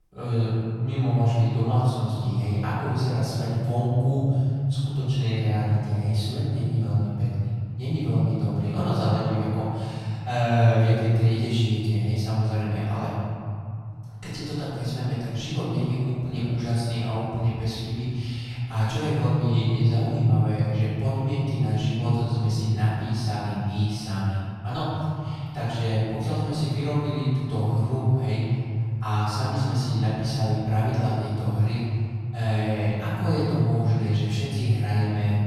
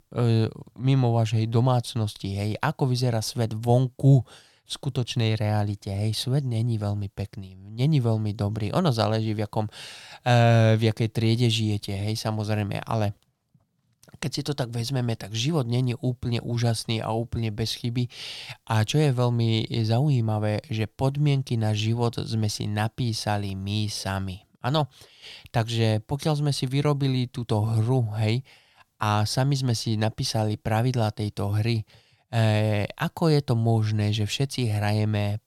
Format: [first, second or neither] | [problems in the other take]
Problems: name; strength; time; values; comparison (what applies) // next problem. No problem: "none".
second | off-mic speech; far // room echo; strong; dies away in 3 s